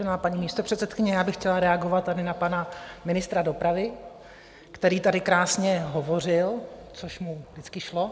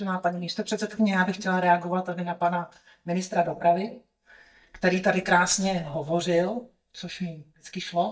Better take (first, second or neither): first